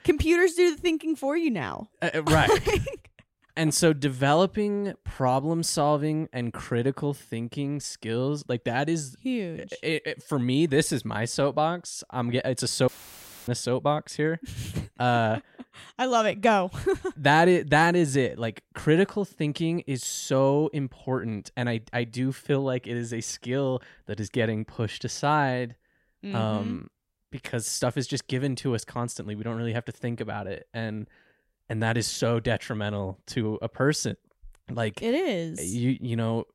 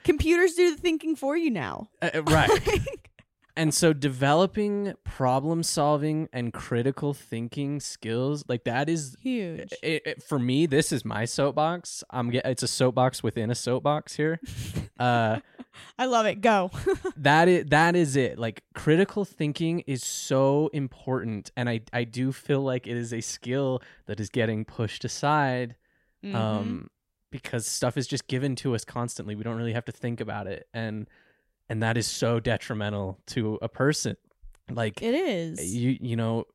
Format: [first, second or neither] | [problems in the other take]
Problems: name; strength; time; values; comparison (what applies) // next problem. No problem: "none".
second | audio cutting out; filled with static; at 13 s for 0.5 s